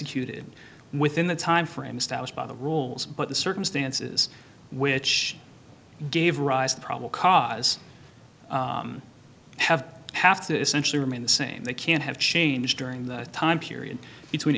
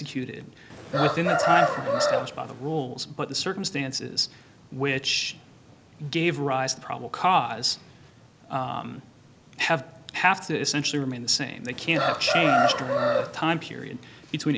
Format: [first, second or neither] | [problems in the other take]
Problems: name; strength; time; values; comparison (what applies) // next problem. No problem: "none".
first | background sound (Chicken, rooster); 3 dB above the speech